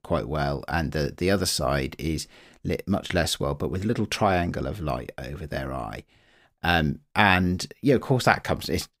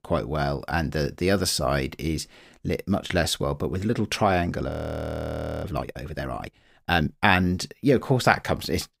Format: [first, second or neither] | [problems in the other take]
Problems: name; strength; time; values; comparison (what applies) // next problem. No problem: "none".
first | audio freezing; at 4.5 s for 1 s